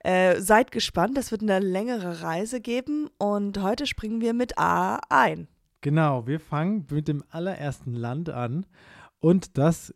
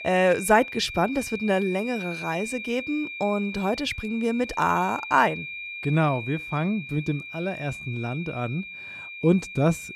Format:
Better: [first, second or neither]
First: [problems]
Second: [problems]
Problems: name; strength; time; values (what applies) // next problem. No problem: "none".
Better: first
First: none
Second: high-pitched whine; loud; throughout; 2.5 kHz, 9 dB below the speech